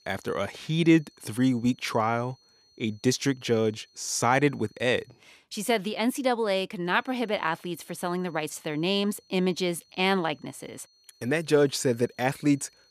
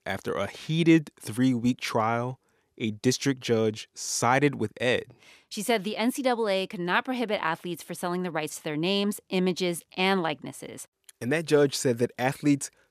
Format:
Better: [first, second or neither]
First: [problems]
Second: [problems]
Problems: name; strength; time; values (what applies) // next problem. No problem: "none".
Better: second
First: high-pitched whine; faint; until 5 s and from 7 s on; 4.5 kHz, 30 dB below the speech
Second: none